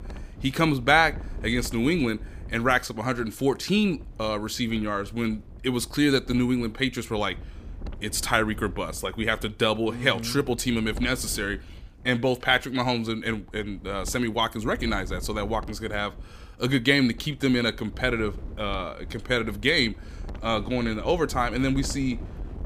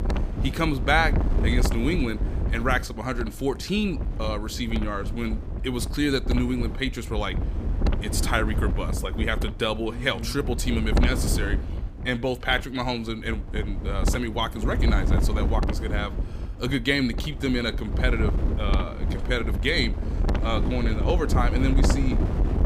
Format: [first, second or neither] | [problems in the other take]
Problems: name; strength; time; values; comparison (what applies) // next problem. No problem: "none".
first | wind noise on the microphone; heavy; 9 dB below the speech; occasional gusts in the first